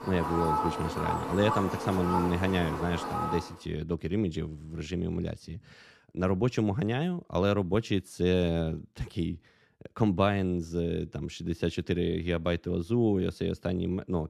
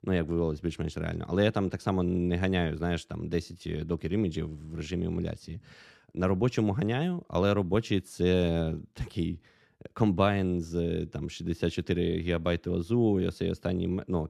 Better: second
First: animal sounds; loud; until 3.5 s; 3 dB below the speech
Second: none

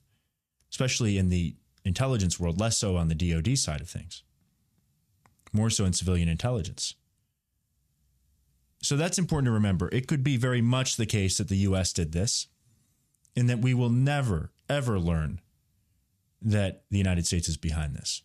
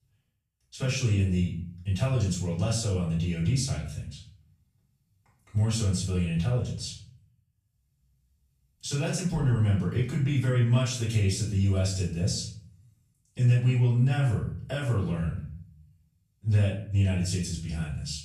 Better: first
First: none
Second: off-mic speech; far // room echo; noticeable; dies away in 0.5 s

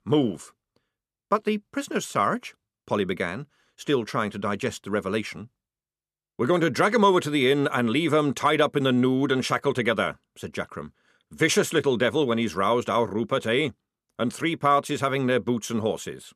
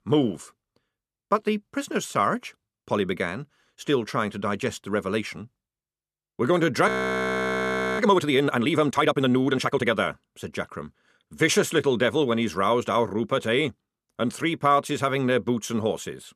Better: first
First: none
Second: audio freezing; at 7 s for 1 s

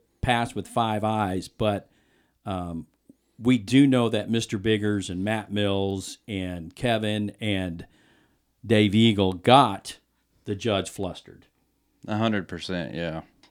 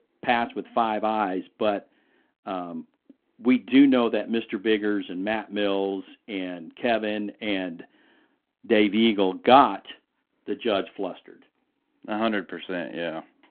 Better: first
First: none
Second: phone-call audio

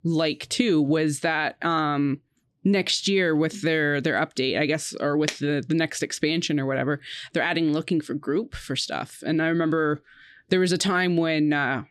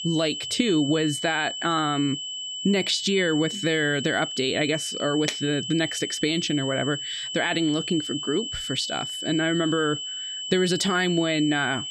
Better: first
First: none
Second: high-pitched whine; loud; throughout; 3 kHz, 5 dB below the speech

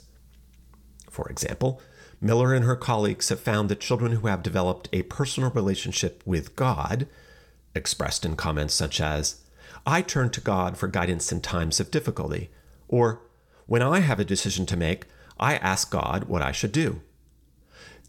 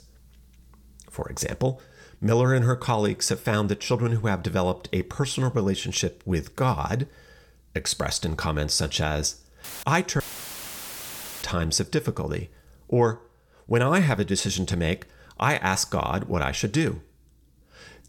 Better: first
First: none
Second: audio cutting out; filled with static; at 9.5 s and at 10 s for 1 s

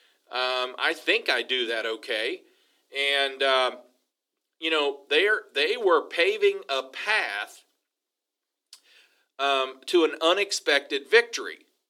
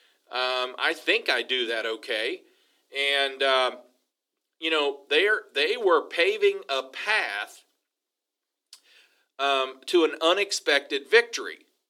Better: neither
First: thin; very; fading below 300 Hz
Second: thin; very; fading below 300 Hz

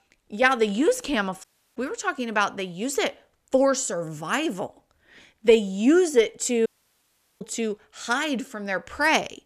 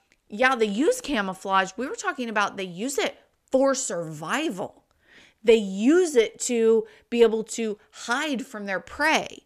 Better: second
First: audio cutting out; at 1.5 s and at 6.5 s for 1 s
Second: none

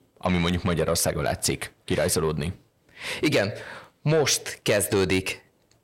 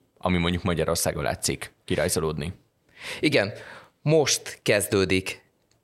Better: second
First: distortion; slight; 10 dB below the speech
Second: none

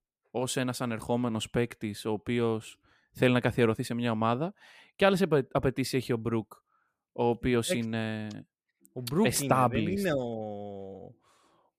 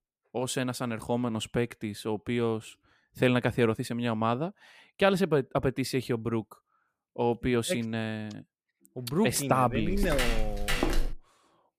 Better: first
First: none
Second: footsteps; noticeable; from 9.5 to 11 s; peak level with the speech

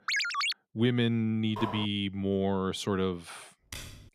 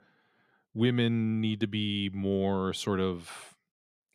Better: second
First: phone ringing; loud; at the start; peak 2 dB above the speech // clattering dishes; noticeable; at 1.5 s; peak 8 dB below the speech // keyboard typing; faint; at 3.5 s; peak 15 dB below the speech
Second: none

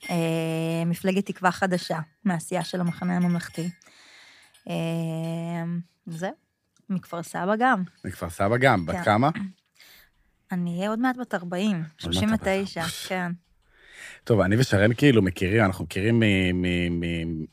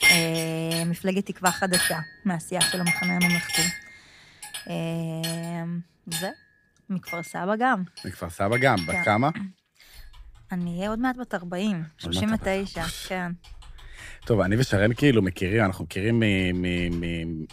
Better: first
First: household noises; faint; throughout; 25 dB below the speech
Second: household noises; loud; throughout; as loud as the speech

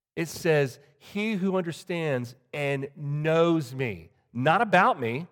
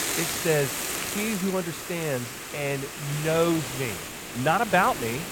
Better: first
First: none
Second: hiss; loud; throughout; 4 dB below the speech

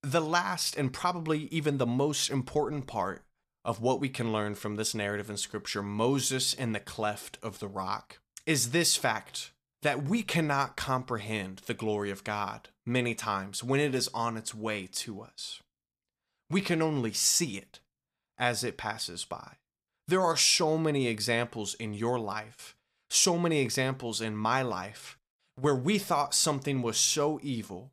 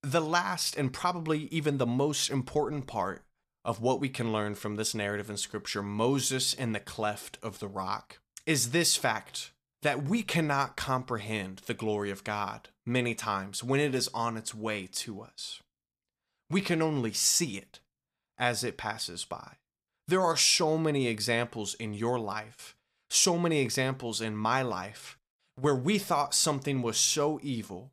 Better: neither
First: none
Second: none

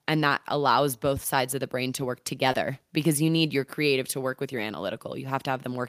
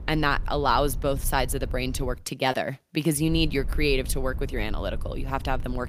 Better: first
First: none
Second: low rumble; faint; until 2 s and from 3 s on; 25 dB below the speech

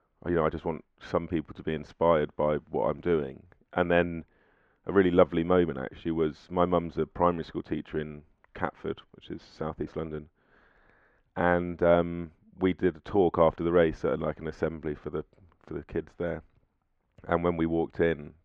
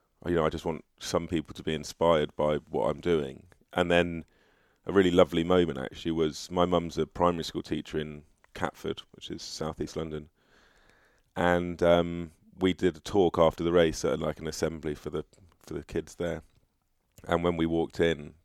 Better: second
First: muffled; very; fading above 2 kHz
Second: none

